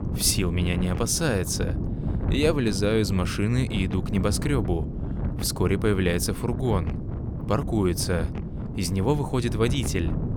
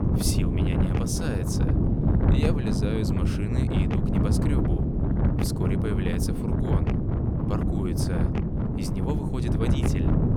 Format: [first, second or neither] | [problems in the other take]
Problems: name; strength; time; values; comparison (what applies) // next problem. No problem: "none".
first | wind noise on the microphone; heavy; 3 dB above the speech; occasional gusts in the first